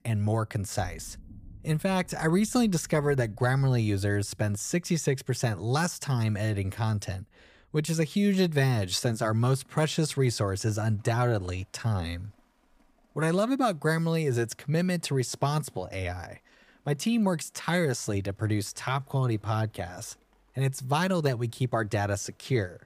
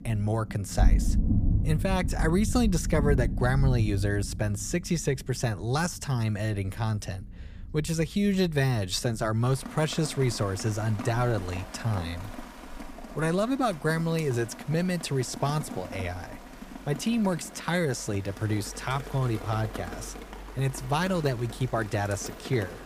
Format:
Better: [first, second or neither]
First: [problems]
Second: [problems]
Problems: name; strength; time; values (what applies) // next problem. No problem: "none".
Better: first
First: rain or running water; faint; throughout; 30 dB below the speech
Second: rain or running water; loud; throughout; 6 dB below the speech